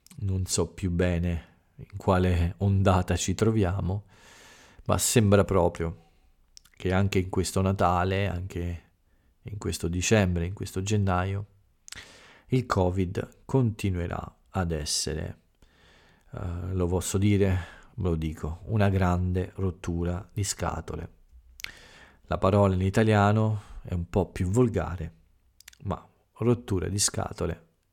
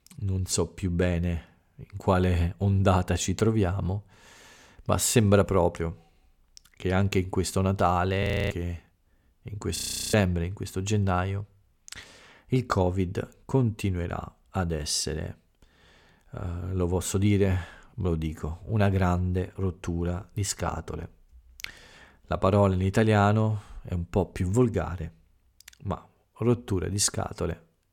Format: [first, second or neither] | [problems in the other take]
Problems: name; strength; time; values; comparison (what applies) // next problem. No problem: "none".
first | audio freezing; at 8 s and at 10 s